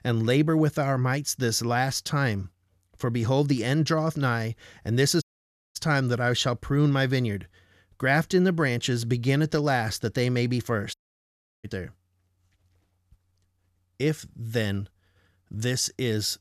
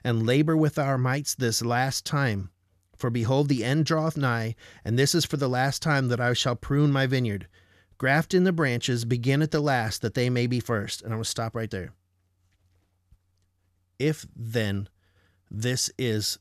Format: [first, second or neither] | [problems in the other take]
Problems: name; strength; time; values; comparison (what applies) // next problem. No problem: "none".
second | audio cutting out; at 5 s for 0.5 s and at 11 s for 0.5 s